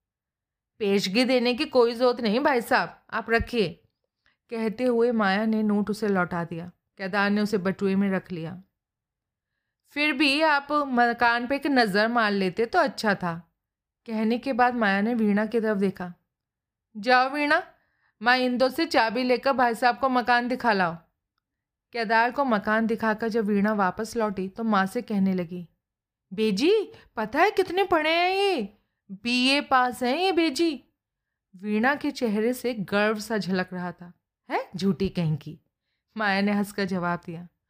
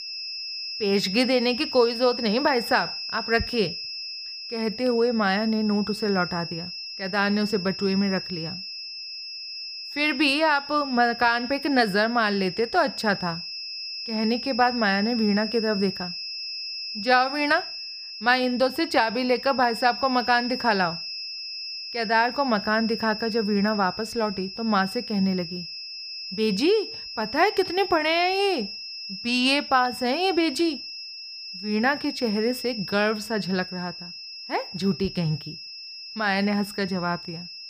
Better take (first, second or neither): first